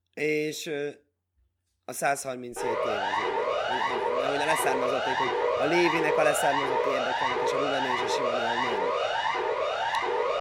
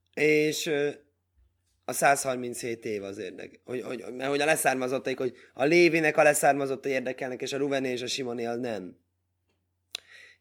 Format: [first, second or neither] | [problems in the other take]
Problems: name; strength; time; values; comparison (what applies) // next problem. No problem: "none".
second | siren; loud; from 2.5 s on; peak 5 dB above the speech